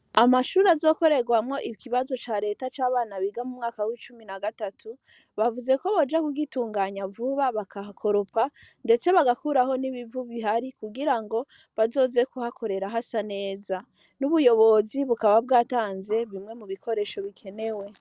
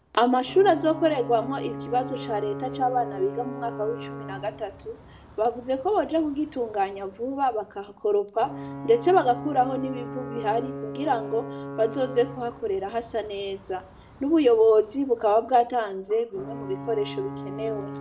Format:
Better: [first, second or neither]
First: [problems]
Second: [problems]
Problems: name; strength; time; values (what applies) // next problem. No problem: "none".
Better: first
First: none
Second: background sound (Alarm / Ocean / Boat, Water vehicle); 12 dB below the speech // room echo; dies away in 0.4 s